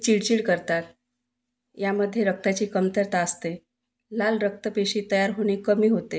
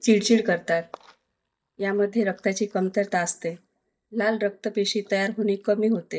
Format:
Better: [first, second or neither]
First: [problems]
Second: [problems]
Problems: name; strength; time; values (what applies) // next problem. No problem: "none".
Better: first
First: none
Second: noise reduction (neural mask model DeepFilterNet 3)